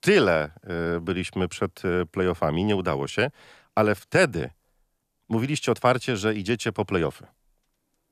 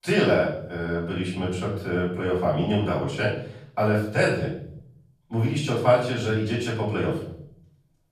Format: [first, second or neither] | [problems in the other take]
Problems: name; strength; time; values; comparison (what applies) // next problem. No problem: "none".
first | off-mic speech; far // room echo; noticeable; dies away in 0.7 s